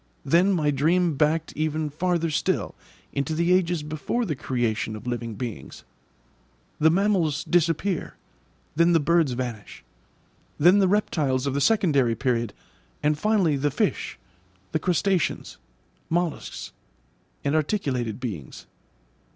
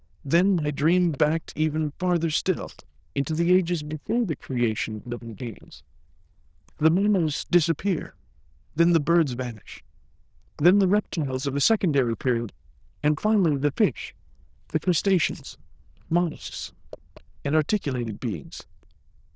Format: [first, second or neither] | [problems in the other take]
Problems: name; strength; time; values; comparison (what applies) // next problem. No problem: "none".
first | noise reduction (neural diffusion model UNIVERSE++)